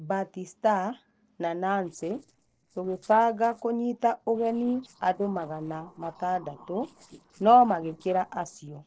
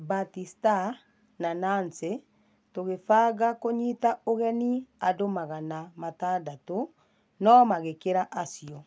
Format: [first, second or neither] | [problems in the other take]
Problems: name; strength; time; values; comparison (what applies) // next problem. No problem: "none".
second | noise reduction (neural separator model SepFormer DNS4)